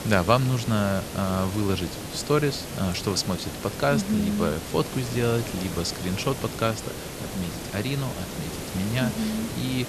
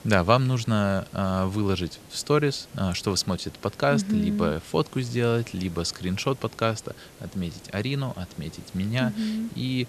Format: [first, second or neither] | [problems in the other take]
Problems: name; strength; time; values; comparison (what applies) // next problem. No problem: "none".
second | hiss; loud; throughout; 7 dB below the speech; faint in the second